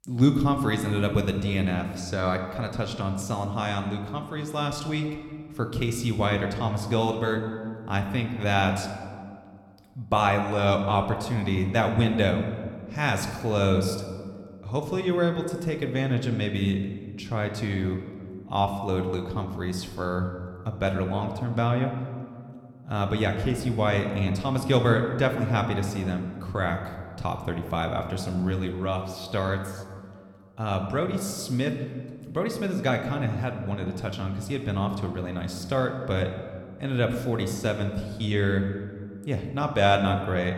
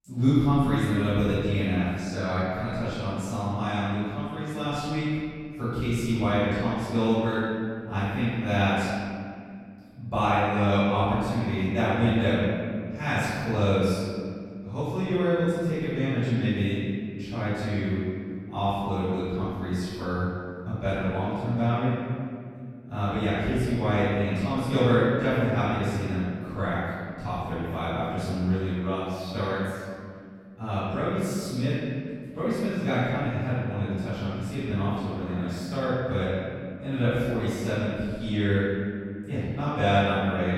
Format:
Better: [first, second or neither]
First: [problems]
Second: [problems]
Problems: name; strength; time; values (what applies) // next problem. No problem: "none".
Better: first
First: room echo; slight; dies away in 1.4 s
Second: room echo; strong; dies away in 2.1 s // off-mic speech; far